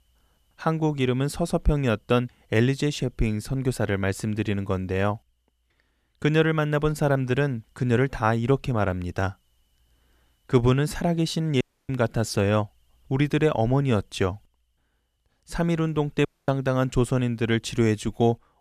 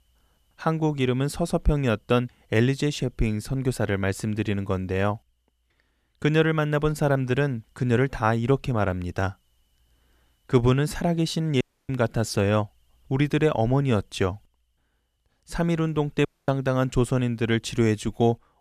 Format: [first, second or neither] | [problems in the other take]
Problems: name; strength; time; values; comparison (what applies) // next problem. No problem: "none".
neither | audio cutting out; at 12 s and at 16 s; the same in both